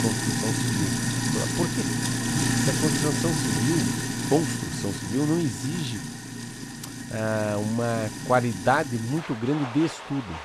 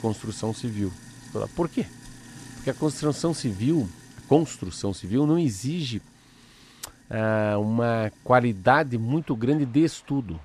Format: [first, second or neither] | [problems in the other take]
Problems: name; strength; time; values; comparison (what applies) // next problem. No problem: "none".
second | household noises; loud; throughout; as loud as the speech; faint in the second